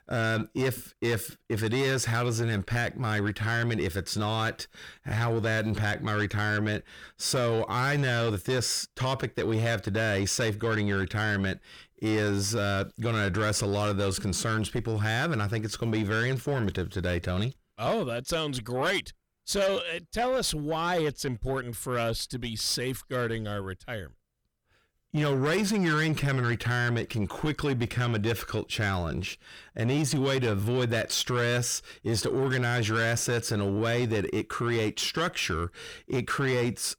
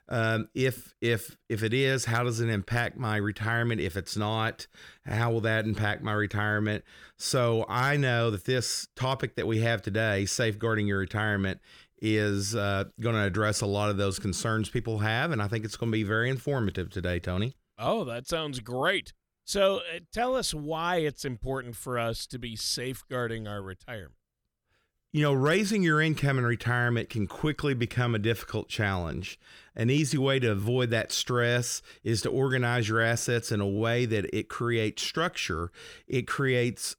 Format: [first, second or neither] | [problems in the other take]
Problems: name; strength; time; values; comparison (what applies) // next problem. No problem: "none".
second | distortion; slight; 10 dB below the speech